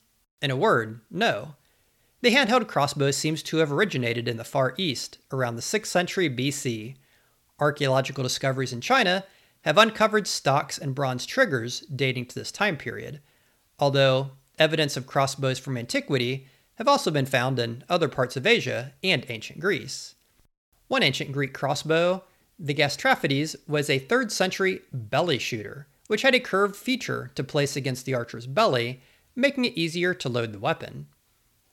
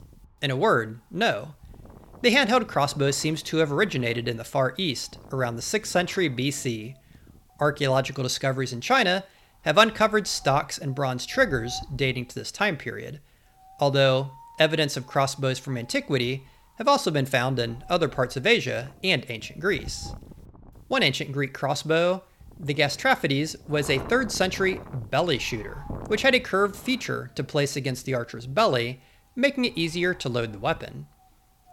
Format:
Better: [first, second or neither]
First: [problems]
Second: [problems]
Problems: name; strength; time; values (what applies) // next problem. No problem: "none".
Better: first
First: none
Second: wind noise on the microphone; occasional gusts; 25 dB below the speech